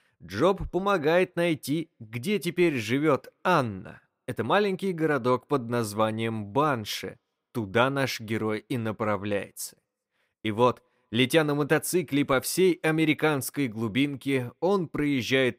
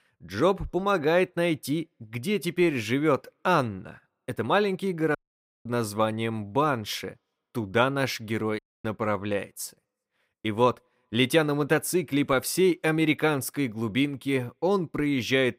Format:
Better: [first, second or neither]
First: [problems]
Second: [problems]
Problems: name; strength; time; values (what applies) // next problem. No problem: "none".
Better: first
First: none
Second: audio cutting out; at 5 s for 0.5 s and at 8.5 s